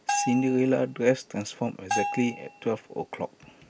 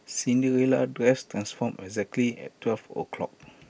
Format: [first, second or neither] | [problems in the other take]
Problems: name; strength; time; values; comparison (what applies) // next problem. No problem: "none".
second | background sound (Bell); 7 dB below the speech